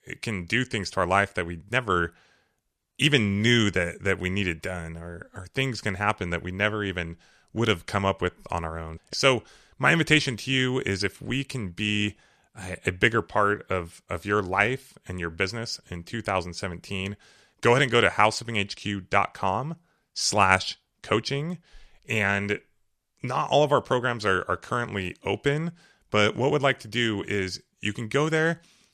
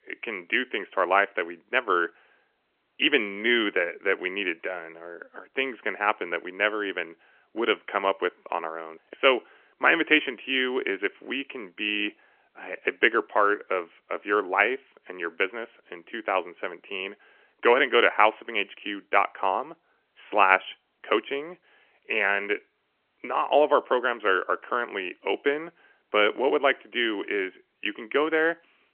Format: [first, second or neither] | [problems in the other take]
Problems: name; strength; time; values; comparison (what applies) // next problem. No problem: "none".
first | phone-call audio; nothing above 3 kHz